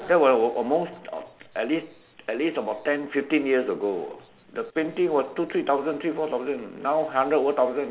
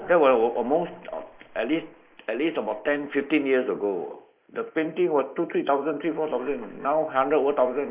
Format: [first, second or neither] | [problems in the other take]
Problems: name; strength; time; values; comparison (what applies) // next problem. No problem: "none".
first | noise reduction (neural mask model Resemble Enhance denoiser)